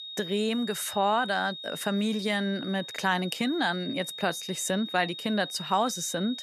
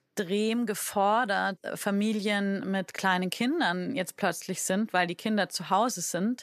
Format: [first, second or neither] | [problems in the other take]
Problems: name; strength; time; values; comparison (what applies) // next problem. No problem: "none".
second | high-pitched whine; loud; throughout; 3.5 kHz, 9 dB below the speech